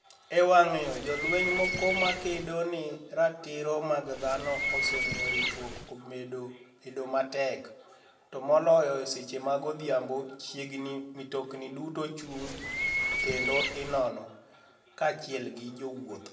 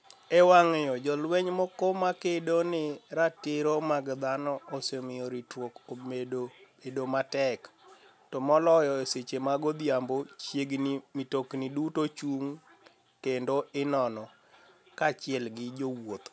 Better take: second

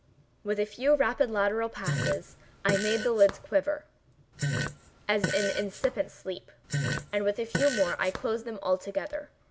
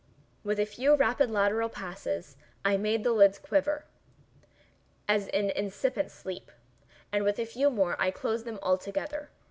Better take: second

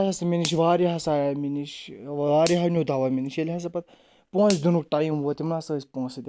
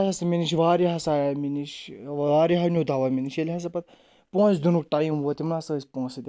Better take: second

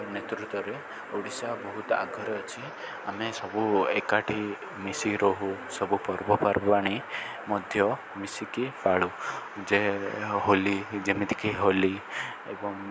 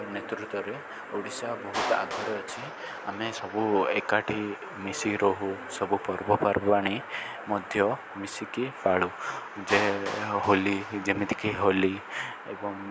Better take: first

